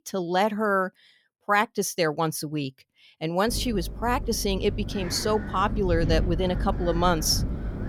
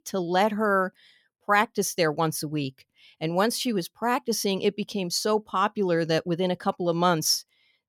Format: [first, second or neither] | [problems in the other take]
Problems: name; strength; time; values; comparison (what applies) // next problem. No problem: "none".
second | wind noise on the microphone; occasional gusts; from 3.5 s on; 15 dB below the speech